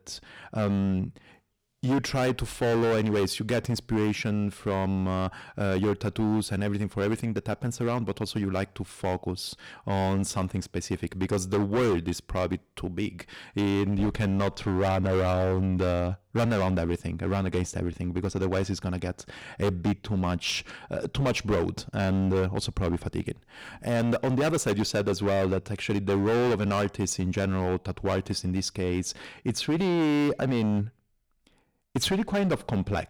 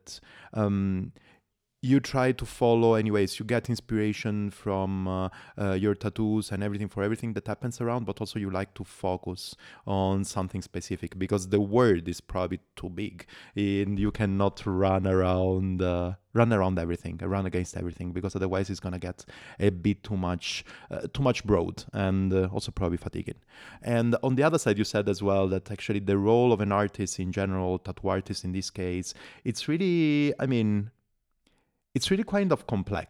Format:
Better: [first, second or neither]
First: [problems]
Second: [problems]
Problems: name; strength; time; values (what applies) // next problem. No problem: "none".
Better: second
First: distortion; heavy; 15% of the sound clipped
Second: none